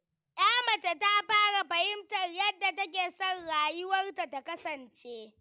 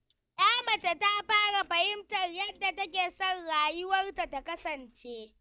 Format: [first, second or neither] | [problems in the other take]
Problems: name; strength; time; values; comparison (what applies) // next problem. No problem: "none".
first | noise reduction (neural mask model DeepFilterNet 3)